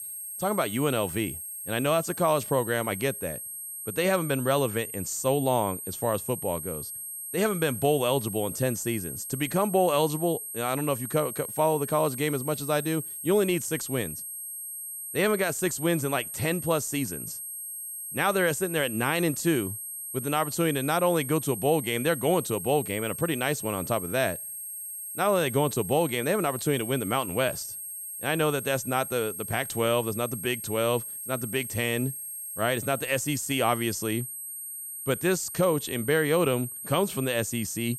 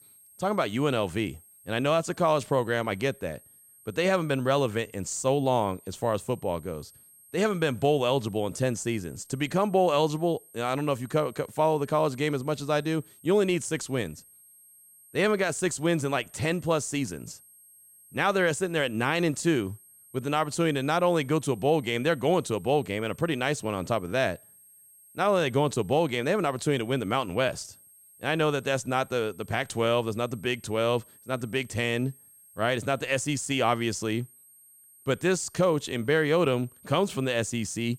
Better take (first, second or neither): second